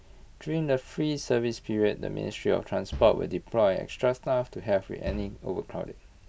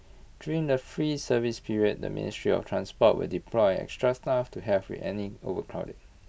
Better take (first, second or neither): second